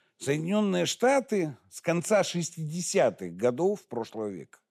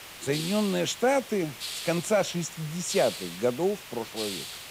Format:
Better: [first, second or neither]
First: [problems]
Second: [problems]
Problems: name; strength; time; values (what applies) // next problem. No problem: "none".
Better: first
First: none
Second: hiss; loud; throughout; 8 dB below the speech